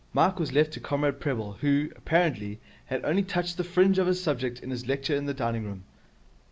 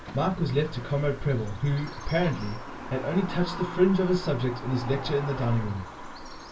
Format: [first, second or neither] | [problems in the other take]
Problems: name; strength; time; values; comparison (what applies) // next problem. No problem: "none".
first | background sound (Bird vocalization, bird call, bird song); 12 dB below the speech // room echo; dies away in 0.1 s